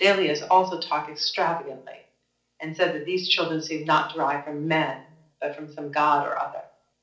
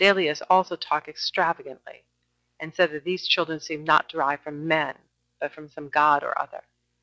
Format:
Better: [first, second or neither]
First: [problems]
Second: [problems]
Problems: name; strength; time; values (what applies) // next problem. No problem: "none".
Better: second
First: room echo; dies away in 0.4 s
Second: none